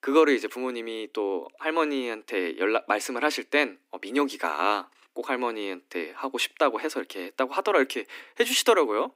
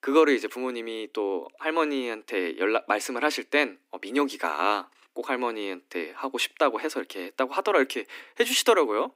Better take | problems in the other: neither | thin; somewhat; fading below 250 Hz; the same in both

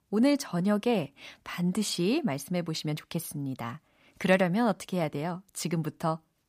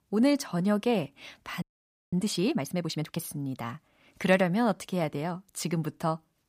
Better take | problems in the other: first | audio freezing; at 1.5 s for 0.5 s

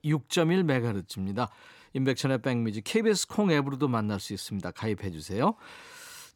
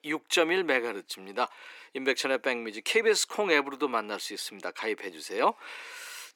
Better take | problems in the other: first | thin; very; fading below 350 Hz

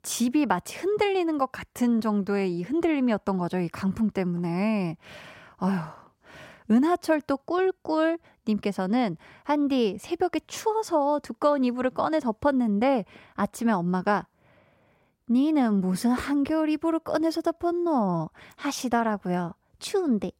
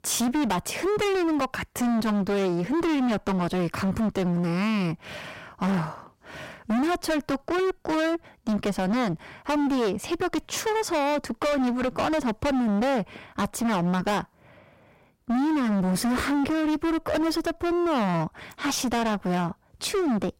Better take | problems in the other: first | distortion; heavy; 32% of the sound clipped

